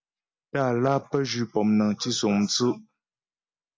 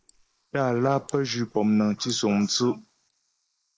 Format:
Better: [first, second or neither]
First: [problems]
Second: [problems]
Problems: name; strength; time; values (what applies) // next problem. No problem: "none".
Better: first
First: none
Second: noise reduction (neural mask model Resemble Enhance denoiser)